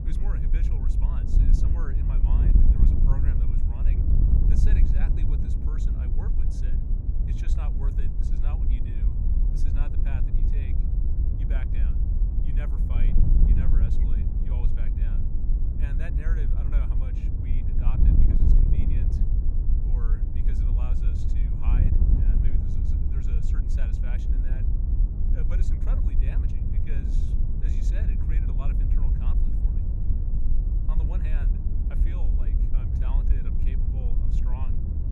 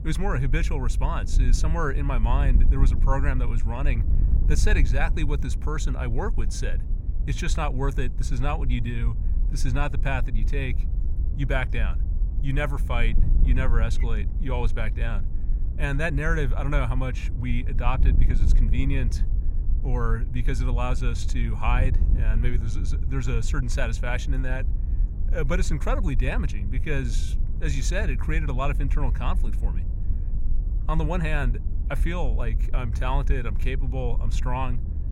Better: second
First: wind noise on the microphone; heavy; 4 dB above the speech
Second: wind noise on the microphone; occasional gusts; 15 dB below the speech

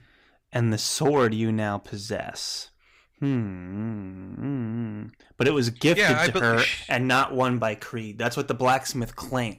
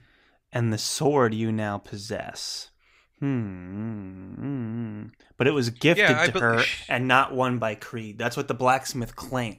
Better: second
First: distortion; slight; 2% of the sound clipped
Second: none

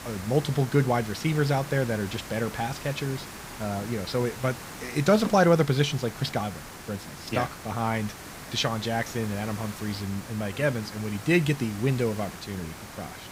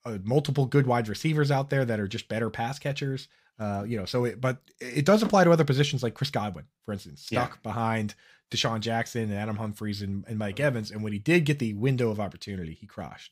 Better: second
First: hiss; noticeable; throughout; 15 dB below the speech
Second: none

